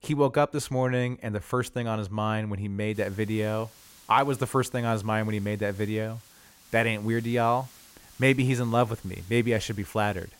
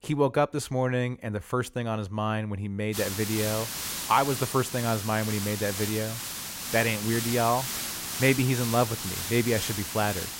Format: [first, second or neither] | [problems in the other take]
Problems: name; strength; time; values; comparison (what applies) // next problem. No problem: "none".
first | hiss; loud; from 3 s on; 4 dB below the speech; faint in the first